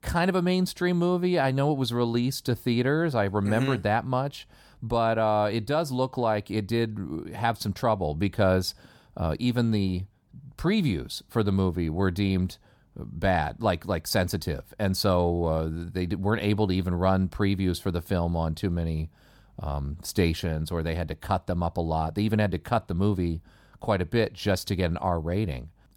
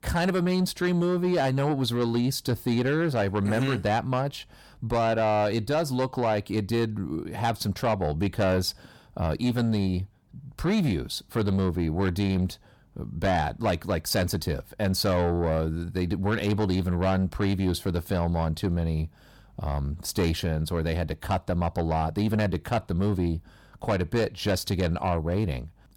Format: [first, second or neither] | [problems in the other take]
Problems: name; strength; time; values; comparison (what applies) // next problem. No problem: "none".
first | distortion; slight; 10 dB below the speech